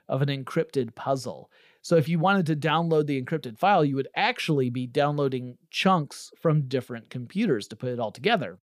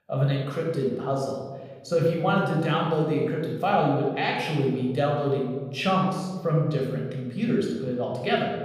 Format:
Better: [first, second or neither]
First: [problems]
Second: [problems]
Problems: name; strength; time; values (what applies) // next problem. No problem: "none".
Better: first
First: none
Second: off-mic speech; far // room echo; noticeable; dies away in 1.3 s